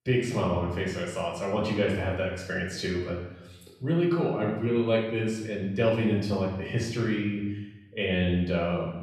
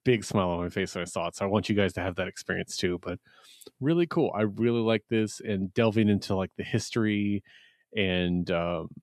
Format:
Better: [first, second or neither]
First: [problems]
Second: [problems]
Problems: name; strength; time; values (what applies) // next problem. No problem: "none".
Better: second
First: off-mic speech; far // room echo; noticeable; dies away in 1 s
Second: none